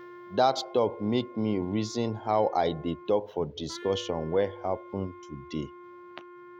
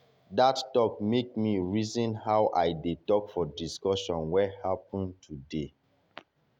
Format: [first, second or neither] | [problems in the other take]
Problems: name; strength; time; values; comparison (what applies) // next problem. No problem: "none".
second | background sound (Wind instrument, woodwind instrument); 17 dB below the speech